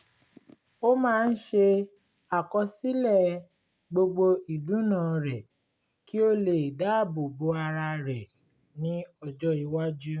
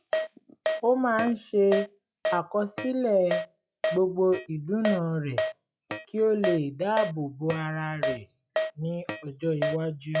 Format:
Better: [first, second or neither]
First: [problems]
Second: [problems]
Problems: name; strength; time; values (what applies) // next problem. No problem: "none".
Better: first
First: none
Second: noise reduction (classical method log-MMSE)